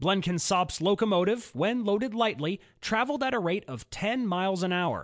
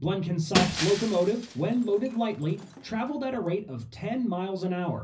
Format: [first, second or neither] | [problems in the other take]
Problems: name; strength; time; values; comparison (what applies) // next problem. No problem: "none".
first | background sound (Shatter); 6 dB below the speech // room echo; dies away in 0.4 s